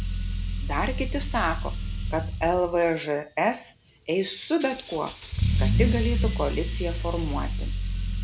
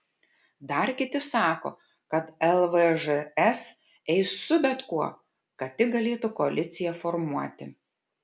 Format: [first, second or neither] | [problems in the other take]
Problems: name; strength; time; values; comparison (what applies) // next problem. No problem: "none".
second | background sound (Engine starting / Accelerating, revving, vroom / Car); 1 dB above the speech